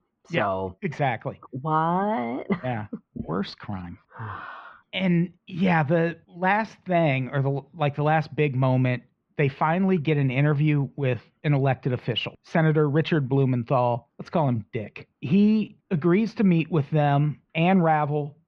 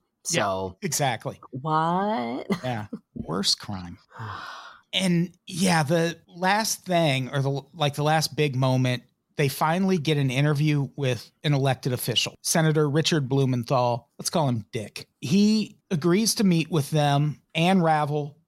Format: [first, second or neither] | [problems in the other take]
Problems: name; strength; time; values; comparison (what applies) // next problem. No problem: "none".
second | muffled; very; fading above 2.5 kHz